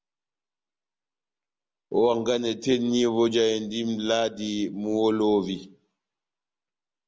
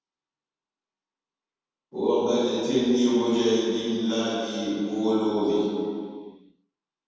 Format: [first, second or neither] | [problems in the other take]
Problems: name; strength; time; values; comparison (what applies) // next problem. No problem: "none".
first | room echo; dies away in 2.1 s